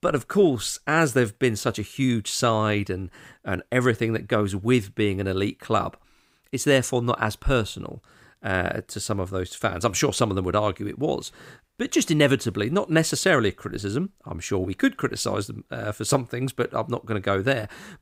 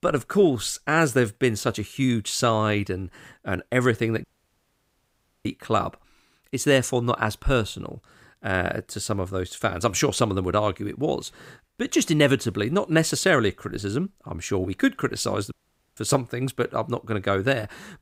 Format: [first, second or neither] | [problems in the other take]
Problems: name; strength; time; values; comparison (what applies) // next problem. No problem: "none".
first | audio cutting out; at 4 s for 1 s and at 16 s